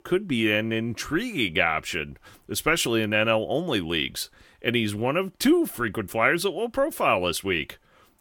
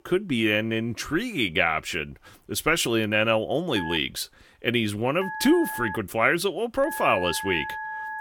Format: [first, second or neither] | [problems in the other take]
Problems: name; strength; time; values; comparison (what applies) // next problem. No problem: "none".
first | phone ringing; noticeable; from 4 s on; peak 8 dB below the speech